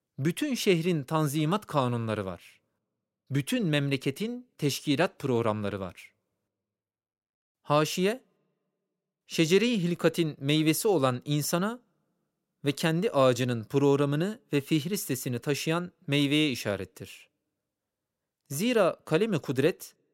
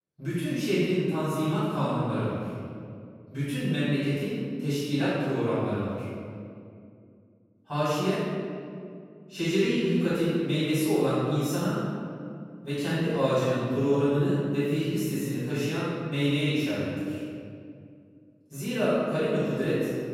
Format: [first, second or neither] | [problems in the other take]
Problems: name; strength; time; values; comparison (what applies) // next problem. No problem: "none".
first | off-mic speech; far // room echo; strong; dies away in 2.2 s